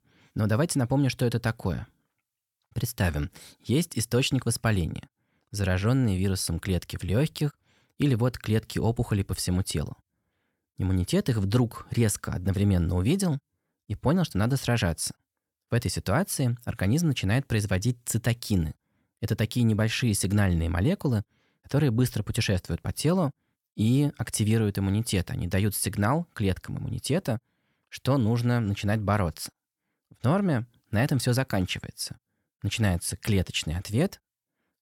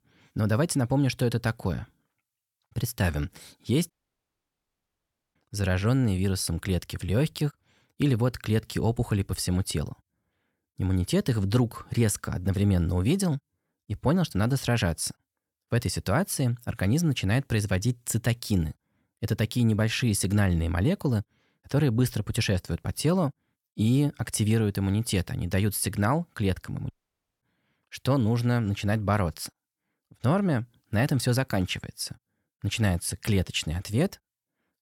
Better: first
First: none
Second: audio cutting out; at 4 s for 1.5 s and at 27 s for 0.5 s

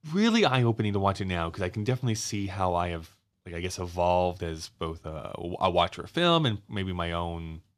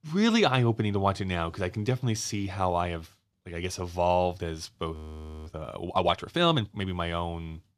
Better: first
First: none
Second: audio freezing; at 5 s for 0.5 s

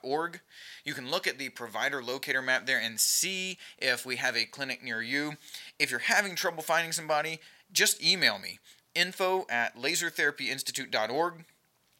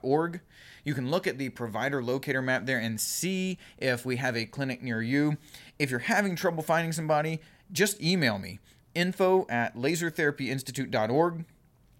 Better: second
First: thin; somewhat; fading below 1 kHz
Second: none

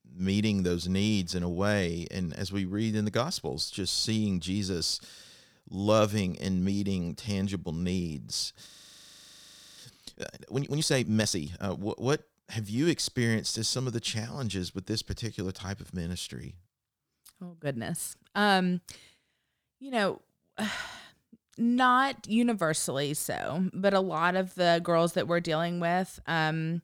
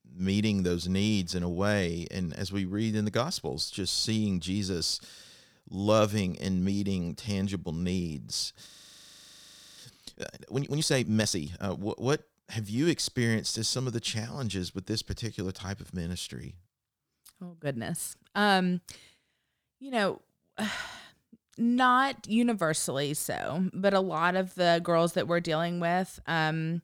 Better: neither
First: audio freezing; at 8.5 s for 1 s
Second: audio freezing; at 8.5 s for 1 s

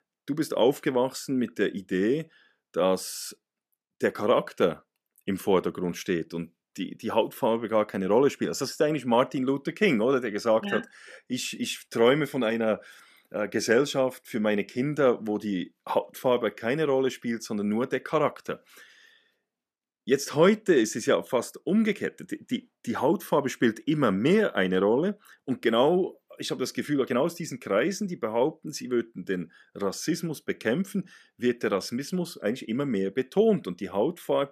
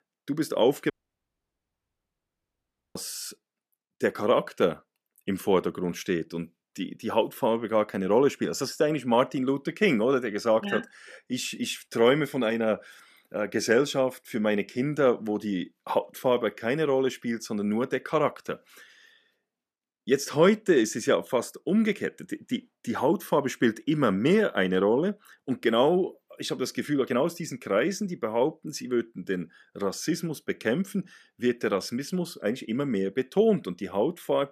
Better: first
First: none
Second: audio cutting out; at 1 s for 2 s

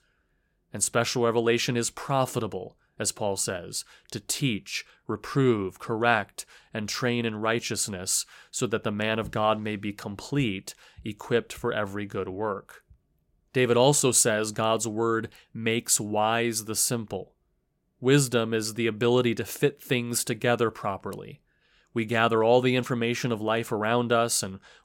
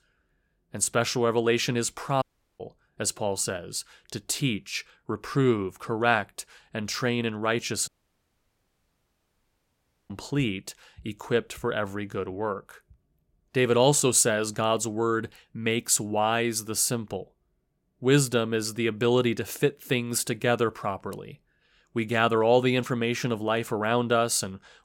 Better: first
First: none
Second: audio cutting out; at 2 s and at 8 s for 2 s

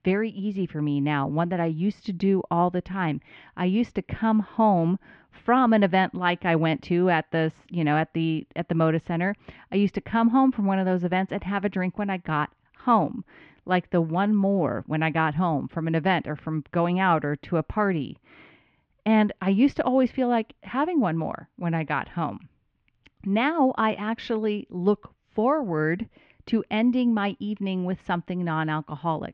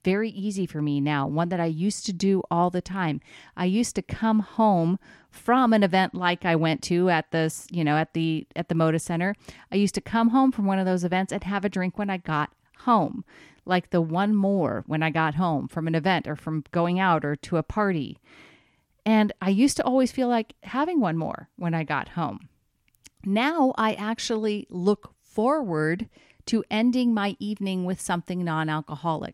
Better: second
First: muffled; very; fading above 3 kHz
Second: none

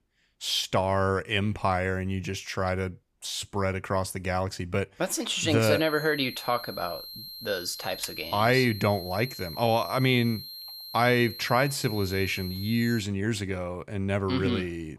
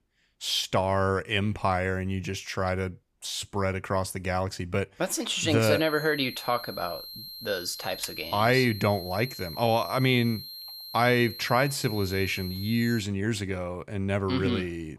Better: neither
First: high-pitched whine; noticeable; from 5.5 to 13 s; 4 kHz, 10 dB below the speech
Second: high-pitched whine; noticeable; from 5.5 to 13 s; 4 kHz, 10 dB below the speech

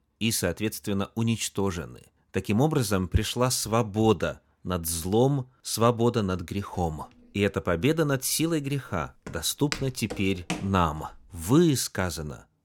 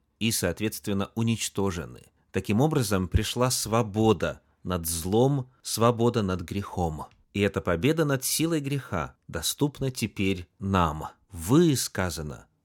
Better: second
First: footsteps; noticeable; from 9.5 to 11 s; peak 8 dB below the speech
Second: none

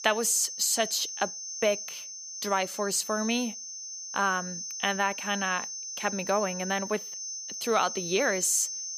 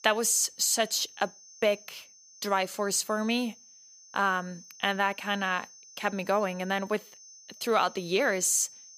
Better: second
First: high-pitched whine; loud; throughout; 6 kHz, 7 dB below the speech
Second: high-pitched whine; faint; throughout; 6 kHz, 20 dB below the speech

